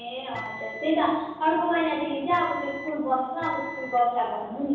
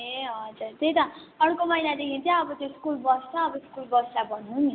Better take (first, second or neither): second